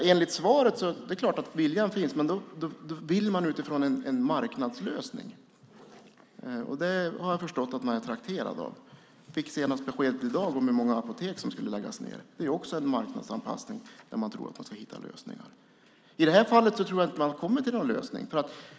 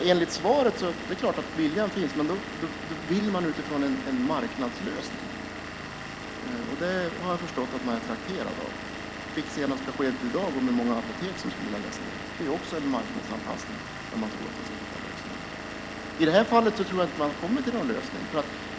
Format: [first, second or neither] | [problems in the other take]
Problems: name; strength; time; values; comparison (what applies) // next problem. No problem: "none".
first | background sound (Engine / Vehicle); 8 dB below the speech